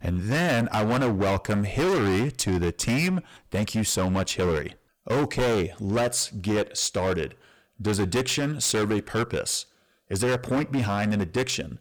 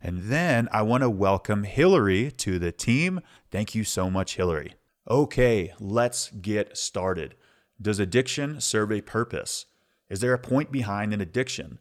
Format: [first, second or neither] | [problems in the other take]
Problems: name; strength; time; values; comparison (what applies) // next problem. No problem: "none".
second | distortion; heavy; 21% of the sound clipped